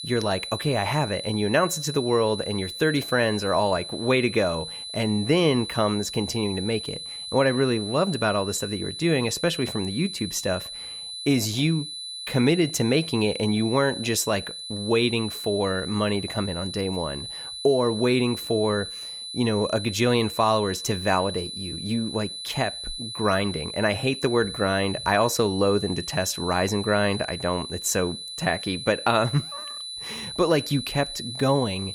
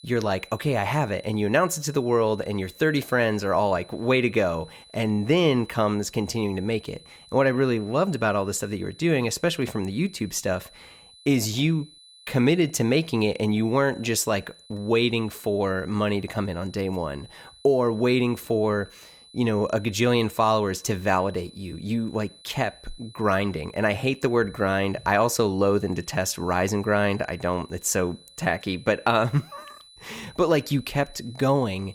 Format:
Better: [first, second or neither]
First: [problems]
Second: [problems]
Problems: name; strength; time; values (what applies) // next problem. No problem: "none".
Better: second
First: high-pitched whine; loud; throughout; 4 kHz, 8 dB below the speech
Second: high-pitched whine; faint; throughout; 4 kHz, 25 dB below the speech